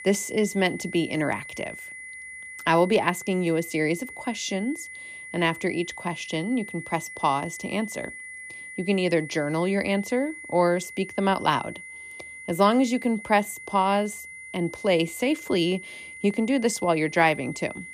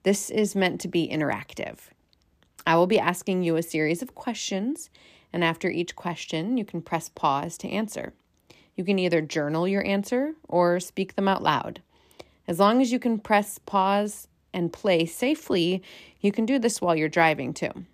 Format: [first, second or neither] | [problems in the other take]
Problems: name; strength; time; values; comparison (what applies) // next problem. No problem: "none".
second | high-pitched whine; noticeable; throughout; 2 kHz, 15 dB below the speech